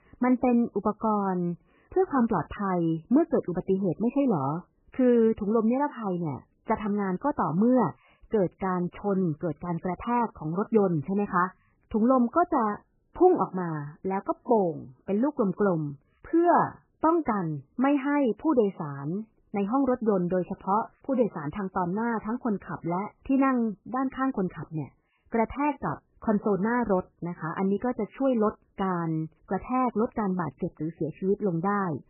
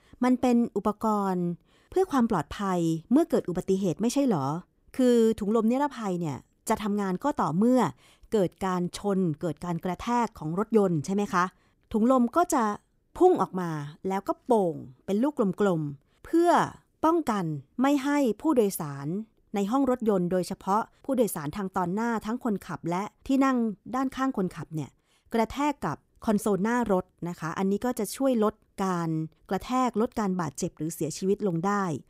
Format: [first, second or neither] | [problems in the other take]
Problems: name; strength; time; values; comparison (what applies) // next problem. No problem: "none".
second | garbled, watery; badly; nothing above 3 kHz